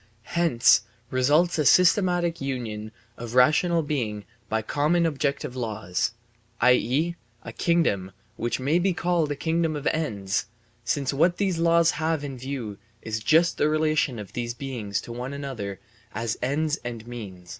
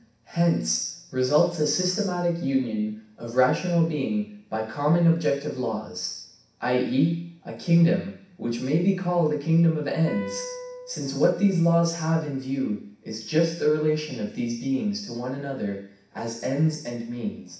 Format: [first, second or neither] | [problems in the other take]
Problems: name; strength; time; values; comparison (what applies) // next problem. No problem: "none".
first | background sound (Wind instrument, woodwind instrument); 12 dB below the speech // room echo; dies away in 0.6 s